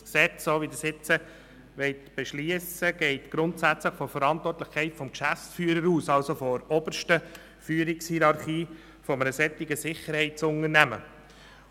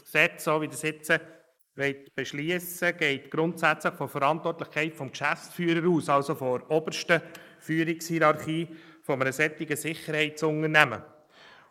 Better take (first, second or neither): first